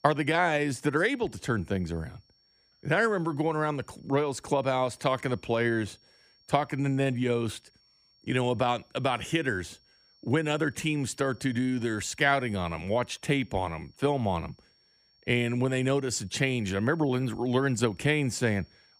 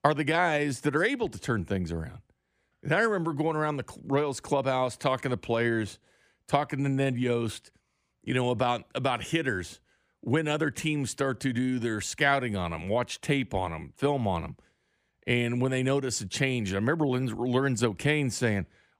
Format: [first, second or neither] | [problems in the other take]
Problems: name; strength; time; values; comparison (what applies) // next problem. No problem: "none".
second | high-pitched whine; faint; throughout; 5.5 kHz, 35 dB below the speech